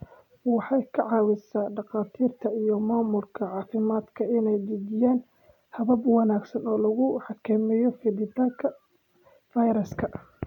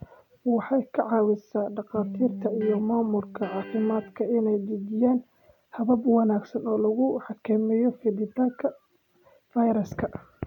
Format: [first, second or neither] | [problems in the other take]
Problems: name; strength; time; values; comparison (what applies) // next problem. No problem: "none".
first | background sound (Electric guitar); 12 dB below the speech